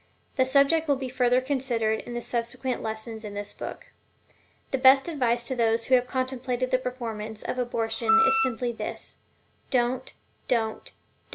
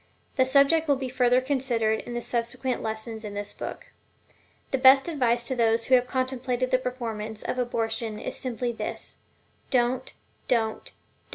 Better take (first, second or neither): second